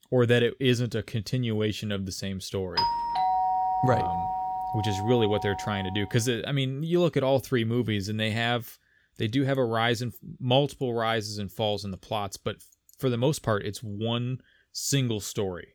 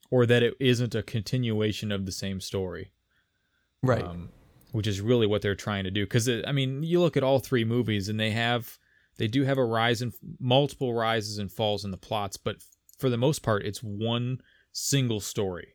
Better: second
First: doorbell; loud; from 3 to 6 s; peak 3 dB above the speech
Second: none

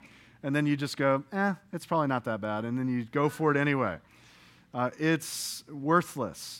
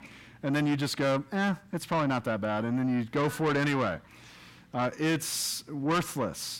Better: first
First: none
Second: distortion; heavy; 8 dB below the speech

